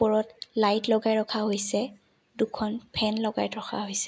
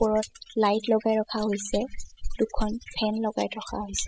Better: first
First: none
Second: noise reduction (classical method spectral subtraction)

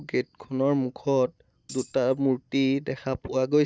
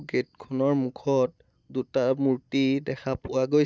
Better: second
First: background sound (Tambourine); 20 dB below the speech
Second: none

